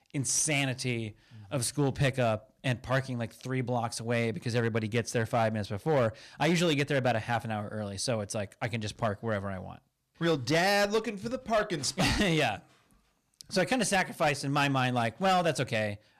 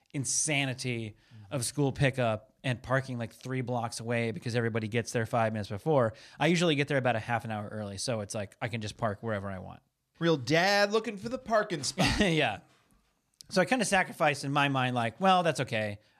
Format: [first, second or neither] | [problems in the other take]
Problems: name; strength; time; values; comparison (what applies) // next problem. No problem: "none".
second | distortion; slight; 5% of the sound clipped